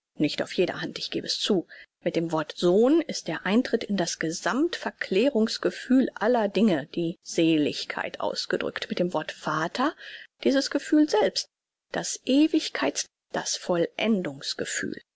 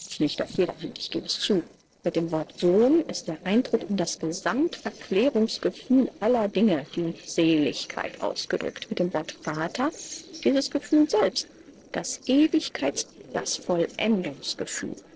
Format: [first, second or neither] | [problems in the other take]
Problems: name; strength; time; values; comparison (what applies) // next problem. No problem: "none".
first | noise reduction (neural separator model SepFormer DNS4)